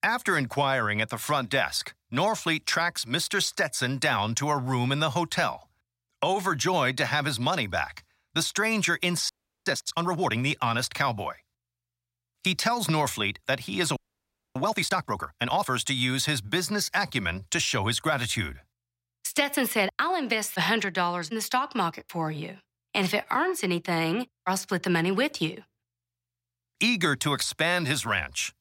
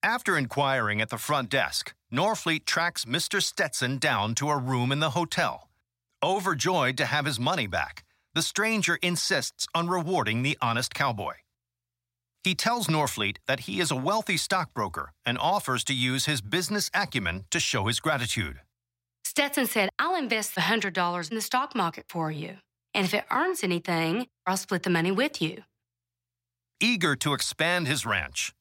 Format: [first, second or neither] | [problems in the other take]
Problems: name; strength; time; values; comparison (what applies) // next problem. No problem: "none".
second | audio freezing; at 9.5 s and at 14 s for 0.5 s